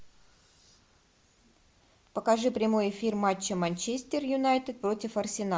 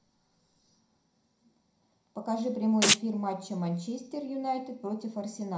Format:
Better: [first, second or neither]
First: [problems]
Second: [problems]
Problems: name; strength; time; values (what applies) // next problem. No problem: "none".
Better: first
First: none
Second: background sound (Domestic sounds, home sounds); 5 dB above the speech // room echo; dies away in 0.4 s